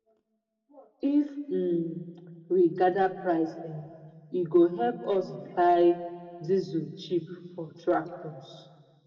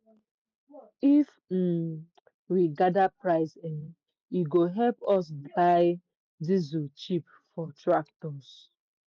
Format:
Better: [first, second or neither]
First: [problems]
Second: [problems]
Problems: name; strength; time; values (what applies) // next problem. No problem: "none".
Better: second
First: room echo; dies away in 1.6 s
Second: none